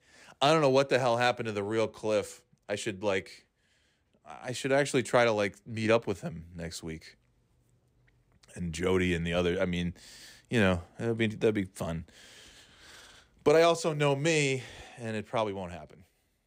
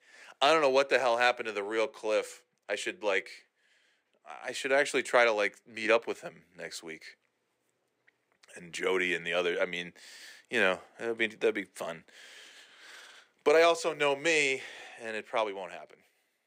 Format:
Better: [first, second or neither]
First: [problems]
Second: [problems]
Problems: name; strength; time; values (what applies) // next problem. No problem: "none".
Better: first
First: none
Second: thin; somewhat; fading below 400 Hz